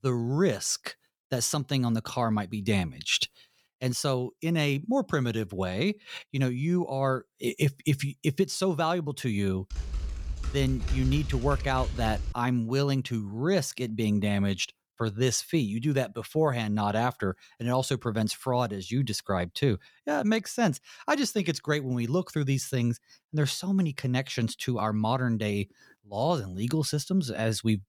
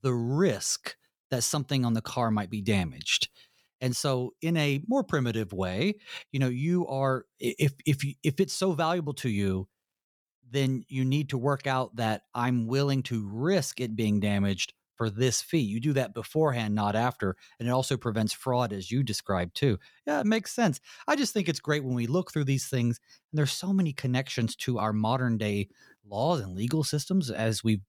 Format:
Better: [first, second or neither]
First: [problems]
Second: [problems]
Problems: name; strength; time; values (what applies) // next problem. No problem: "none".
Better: second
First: keyboard typing; noticeable; from 9.5 to 12 s; peak 4 dB below the speech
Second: none